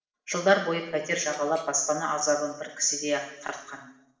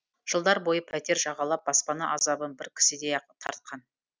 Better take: second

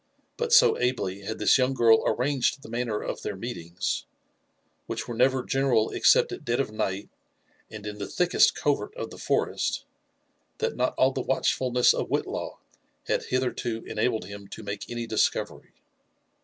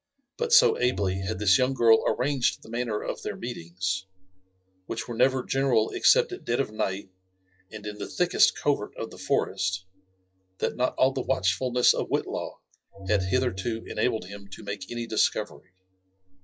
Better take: first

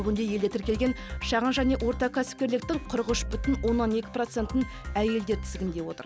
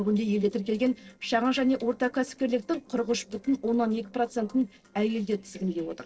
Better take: first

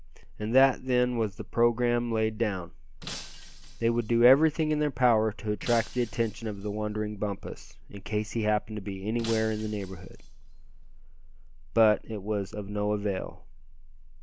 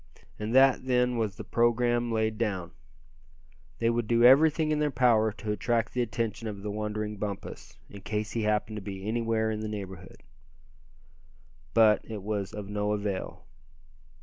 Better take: second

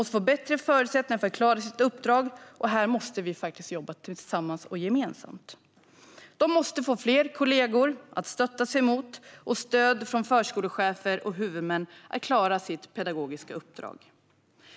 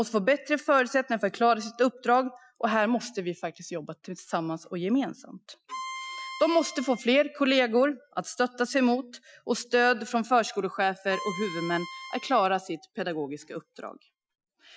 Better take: first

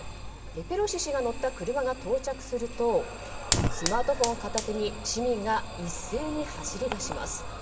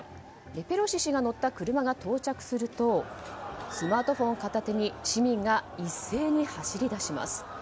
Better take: second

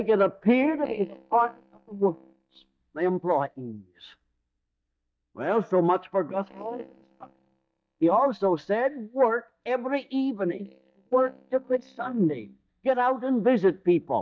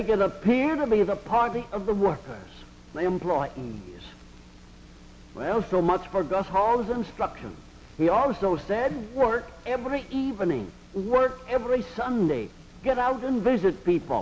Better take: second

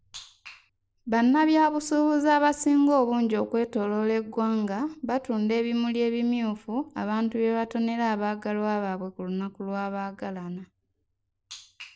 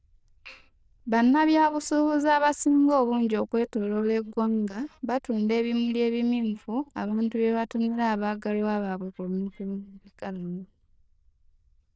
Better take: first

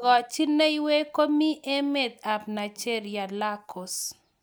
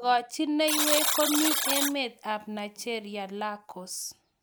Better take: first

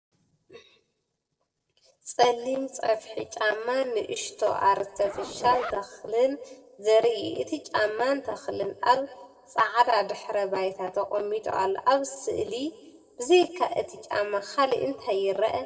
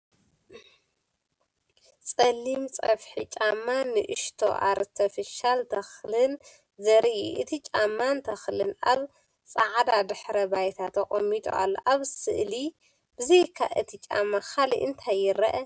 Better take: second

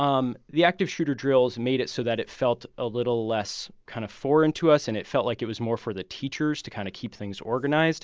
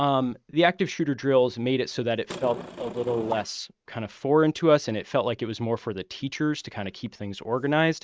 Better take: first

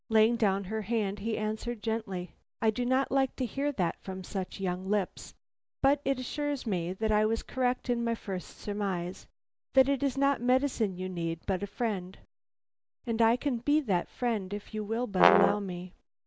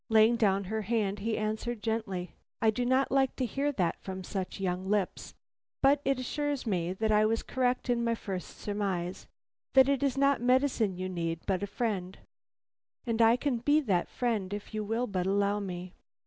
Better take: second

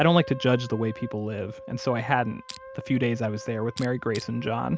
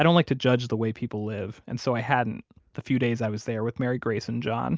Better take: second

